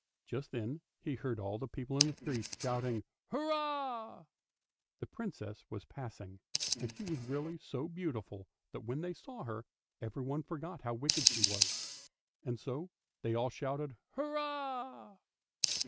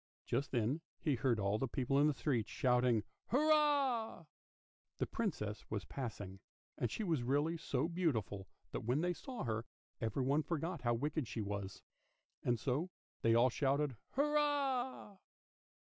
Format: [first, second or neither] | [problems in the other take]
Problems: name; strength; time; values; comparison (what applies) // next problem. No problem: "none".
second | noise reduction (neural mask model RNNoise)